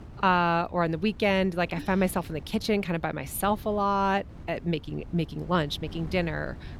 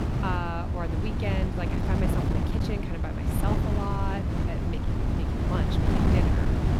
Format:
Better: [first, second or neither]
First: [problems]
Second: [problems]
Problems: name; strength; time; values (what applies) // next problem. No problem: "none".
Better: first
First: wind noise on the microphone; occasional gusts; 25 dB below the speech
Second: wind noise on the microphone; heavy; 1 dB above the speech